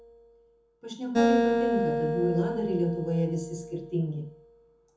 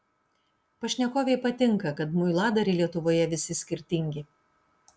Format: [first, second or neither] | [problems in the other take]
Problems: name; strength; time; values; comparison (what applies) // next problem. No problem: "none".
second | background sound (Acoustic guitar); 1 dB above the speech // room echo; dies away in 0.5 s